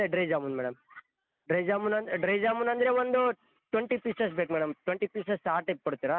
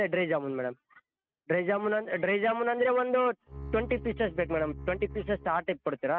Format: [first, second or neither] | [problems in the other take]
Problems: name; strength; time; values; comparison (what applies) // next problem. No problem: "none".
first | noise reduction (neural mask model RNNoise)